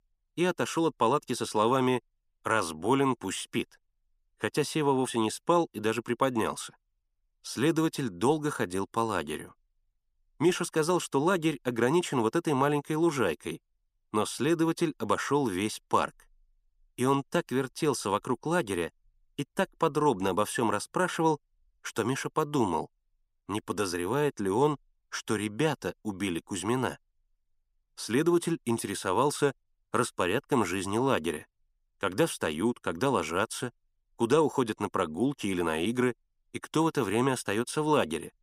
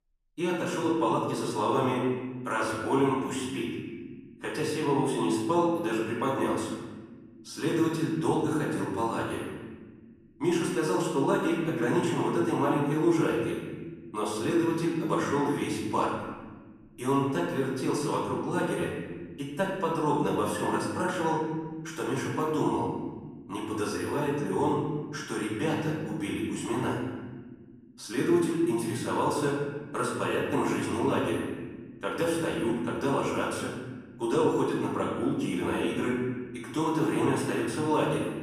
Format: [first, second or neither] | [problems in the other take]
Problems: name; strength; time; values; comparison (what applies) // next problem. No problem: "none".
first | room echo; noticeable; dies away in 1.5 s // off-mic speech; far